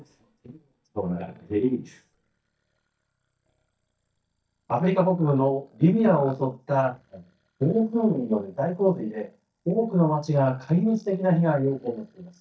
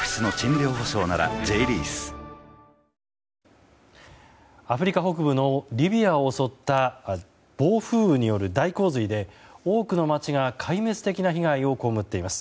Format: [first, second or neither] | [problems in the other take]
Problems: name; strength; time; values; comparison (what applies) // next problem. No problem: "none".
second | noise reduction (neural mask model DeepFilterNet 3)